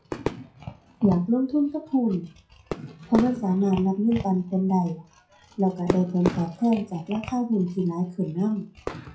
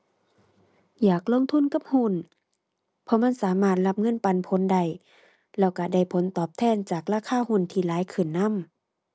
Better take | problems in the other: second | noise reduction (classical method WPE with log-MMSE)

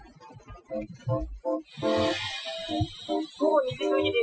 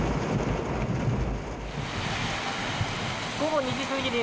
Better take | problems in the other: second | noise reduction (classical method Wiener filter)

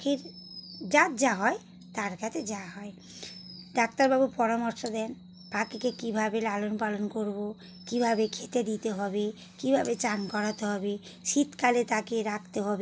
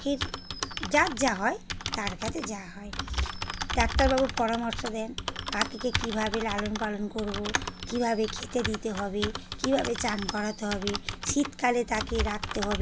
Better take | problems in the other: first | background sound (Typing); 4 dB below the speech

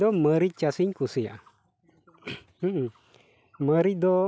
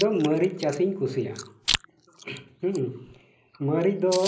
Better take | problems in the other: first | background sound (Chewing, mastication); 10 dB below the speech // room echo; dies away in 0.5 s

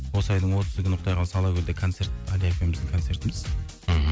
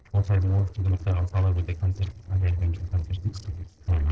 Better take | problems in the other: first | noise reduction (neural separator model SepFormer DNS4)

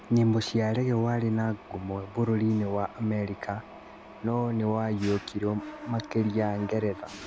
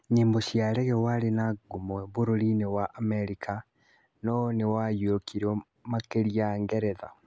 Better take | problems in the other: second | background sound (Mechanisms); 17 dB below the speech

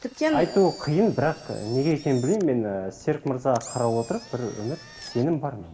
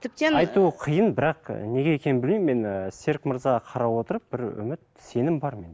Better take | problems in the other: second | background sound (Engine); 20 dB below the speech // room echo; dies away in 2.3 s

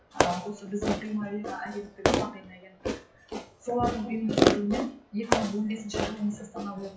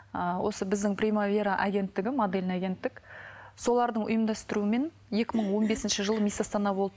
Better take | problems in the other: second | noise reduction (classical method WPE with log-MMSE)

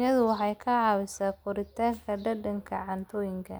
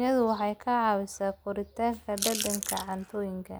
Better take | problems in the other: first | background sound (Chewing, mastication / Crushing); 5 dB below the speech

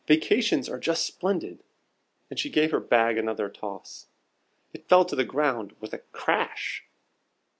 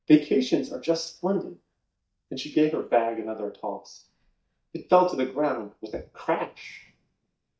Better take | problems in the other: first | noise reduction (neural mask model DeepFilterNet 3)

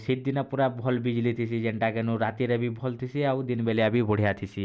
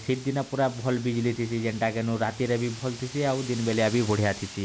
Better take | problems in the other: first | background sound (Wind); 16 dB below the speech

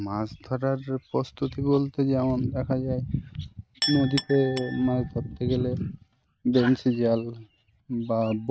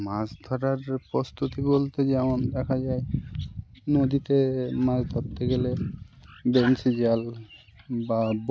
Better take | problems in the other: second | noise reduction (neural mask model RNNoise)

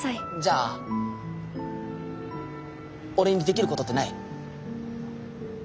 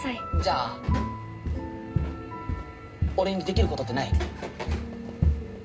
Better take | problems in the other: first | background sound (Walk, footsteps); 2 dB above the speech // room echo; dies away in 0.2 s

